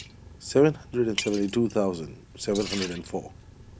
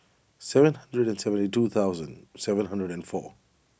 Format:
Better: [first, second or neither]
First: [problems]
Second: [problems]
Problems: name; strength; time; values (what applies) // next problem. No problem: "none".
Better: second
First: background sound (Liquid); 13 dB below the speech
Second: none